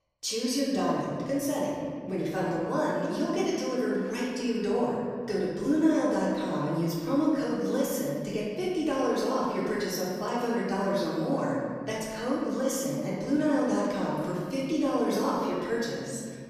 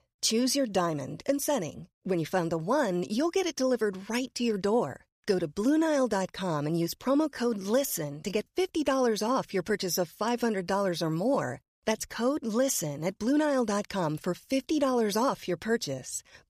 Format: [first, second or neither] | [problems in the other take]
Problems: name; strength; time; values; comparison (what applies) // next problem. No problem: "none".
second | room echo; strong; dies away in 1.8 s // off-mic speech; far